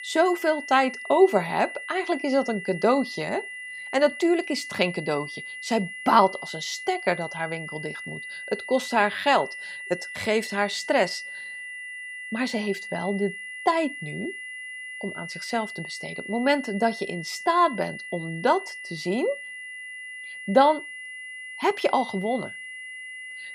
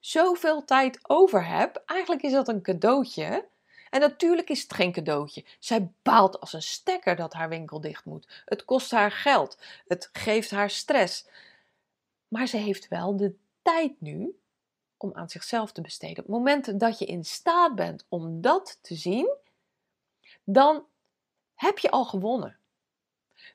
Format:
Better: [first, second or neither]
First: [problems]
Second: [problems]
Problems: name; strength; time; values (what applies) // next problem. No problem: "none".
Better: second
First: high-pitched whine; noticeable; throughout; 2 kHz, 10 dB below the speech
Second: none